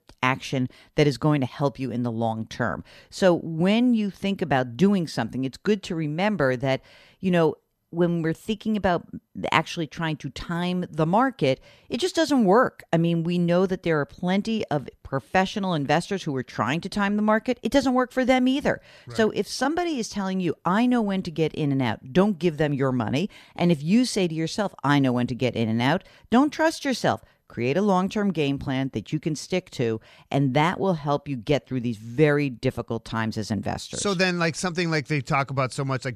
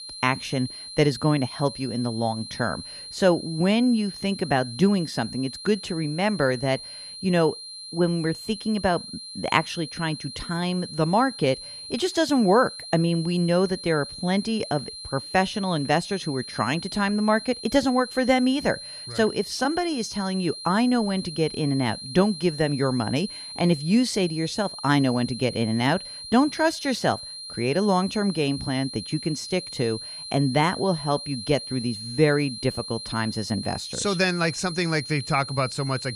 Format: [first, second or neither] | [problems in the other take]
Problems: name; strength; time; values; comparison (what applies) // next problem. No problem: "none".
first | high-pitched whine; noticeable; throughout; 4 kHz, 10 dB below the speech